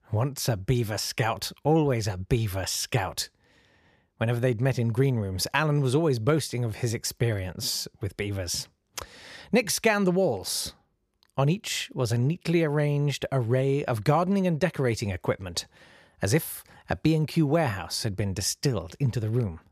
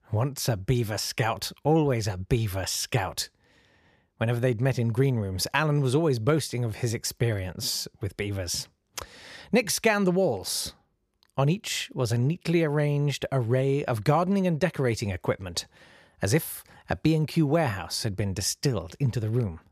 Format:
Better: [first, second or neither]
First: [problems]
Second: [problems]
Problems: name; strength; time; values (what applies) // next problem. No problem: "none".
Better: neither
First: none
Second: none